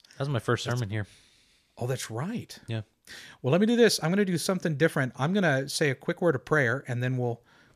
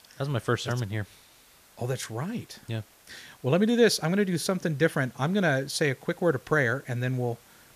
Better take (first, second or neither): first